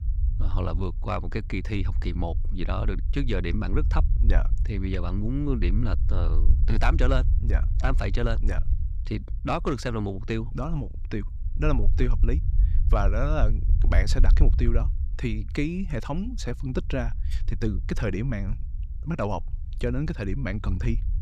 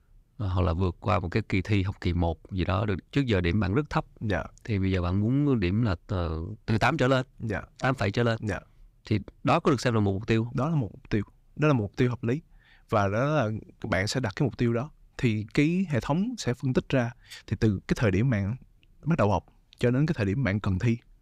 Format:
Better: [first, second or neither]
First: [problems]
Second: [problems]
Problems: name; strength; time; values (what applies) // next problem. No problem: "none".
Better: second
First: low rumble; noticeable; throughout; 15 dB below the speech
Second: none